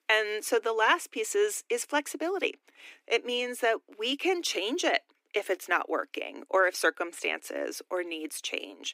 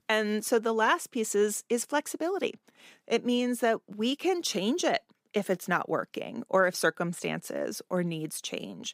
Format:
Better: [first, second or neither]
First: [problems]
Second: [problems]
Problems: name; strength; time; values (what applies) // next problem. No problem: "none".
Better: second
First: thin; somewhat; fading below 300 Hz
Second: none